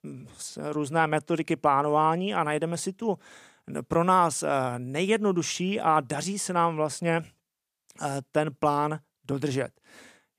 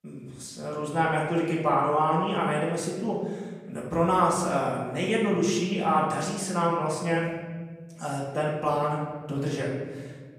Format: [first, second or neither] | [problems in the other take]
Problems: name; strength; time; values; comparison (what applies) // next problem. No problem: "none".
first | off-mic speech; far // room echo; noticeable; dies away in 1.4 s